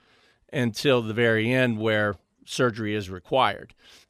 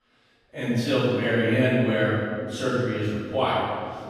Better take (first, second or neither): first